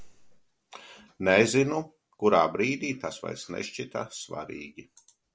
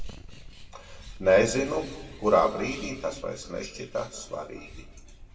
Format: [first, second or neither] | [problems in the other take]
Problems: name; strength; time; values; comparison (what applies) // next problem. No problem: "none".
first | background sound (Bird); 16 dB below the speech // room echo; dies away in 1.3 s